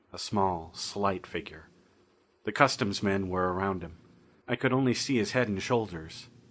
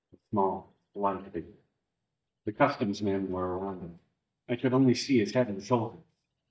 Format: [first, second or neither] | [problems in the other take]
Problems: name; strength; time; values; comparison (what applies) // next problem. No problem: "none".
first | noise reduction (neural mask model DeepFilterNet 3)